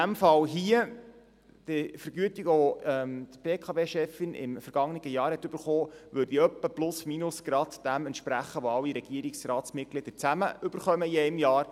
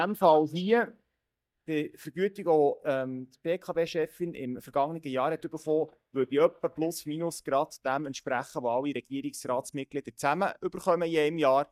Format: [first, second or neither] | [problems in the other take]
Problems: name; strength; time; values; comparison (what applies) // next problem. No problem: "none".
first | noise reduction (neural mask model DeepFilterNet 3)